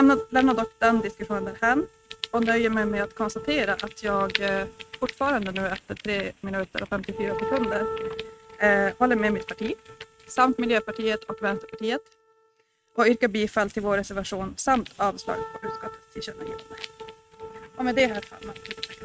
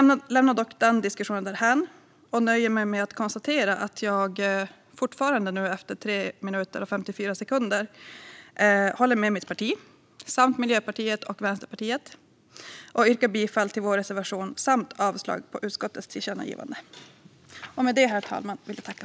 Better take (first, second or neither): second